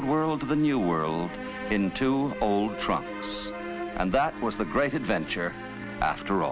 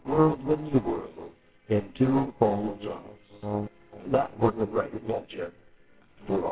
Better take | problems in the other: first | noise reduction (neural separator model SepFormer WHAMR!)

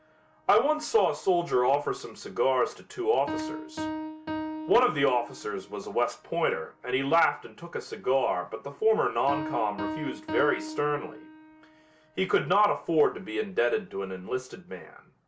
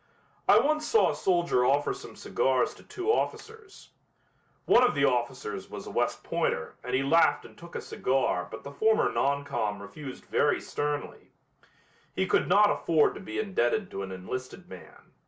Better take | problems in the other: second | background sound (Piano); 12 dB below the speech

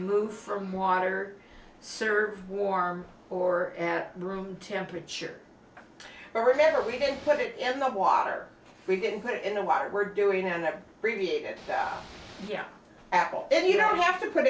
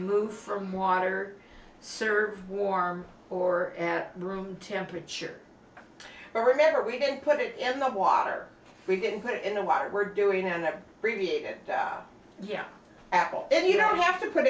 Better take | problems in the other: second | background sound (Ocean / Boat, Water vehicle); 19 dB below the speech

